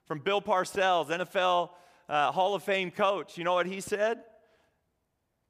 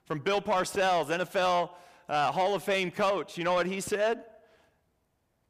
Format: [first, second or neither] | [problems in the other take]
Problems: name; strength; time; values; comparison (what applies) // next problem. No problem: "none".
first | distortion; slight; 10 dB below the speech